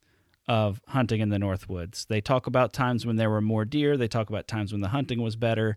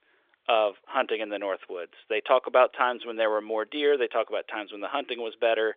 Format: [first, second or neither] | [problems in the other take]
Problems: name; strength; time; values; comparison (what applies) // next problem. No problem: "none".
first | phone-call audio; nothing above 3.5 kHz